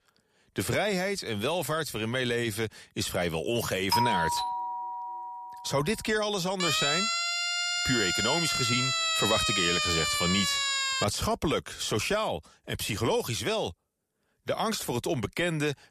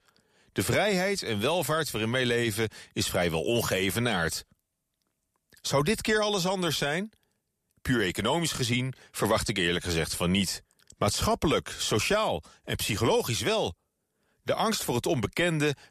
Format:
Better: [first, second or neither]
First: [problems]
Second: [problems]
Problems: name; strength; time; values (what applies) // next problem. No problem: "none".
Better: second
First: doorbell; loud; from 4 to 5.5 s; peak 4 dB above the speech // siren; loud; from 6.5 to 11 s; peak 5 dB above the speech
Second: none